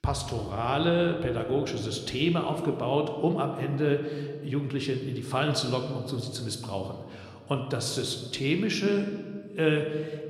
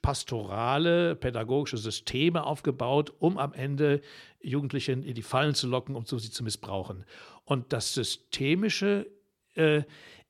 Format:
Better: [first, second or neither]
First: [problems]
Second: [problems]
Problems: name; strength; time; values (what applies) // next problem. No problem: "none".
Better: second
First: room echo; slight; dies away in 1.5 s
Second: none